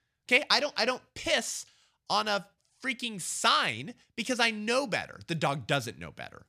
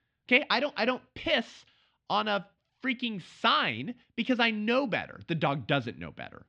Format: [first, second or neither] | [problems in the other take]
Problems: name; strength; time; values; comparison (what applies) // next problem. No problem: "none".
first | muffled; slightly; fading above 3.5 kHz